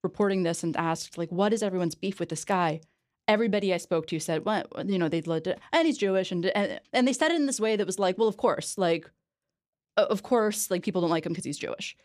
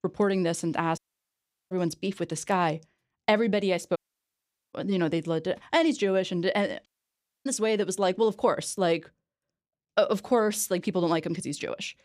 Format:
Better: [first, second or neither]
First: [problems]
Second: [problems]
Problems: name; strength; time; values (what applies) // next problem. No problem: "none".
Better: first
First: none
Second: audio cutting out; at 1 s for 0.5 s, at 4 s for 1 s and at 7 s for 0.5 s